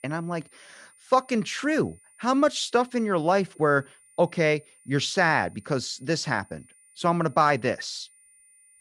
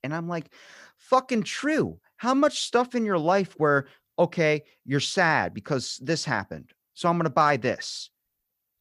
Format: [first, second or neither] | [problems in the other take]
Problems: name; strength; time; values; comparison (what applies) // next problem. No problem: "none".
second | high-pitched whine; faint; throughout; 9 kHz, 30 dB below the speech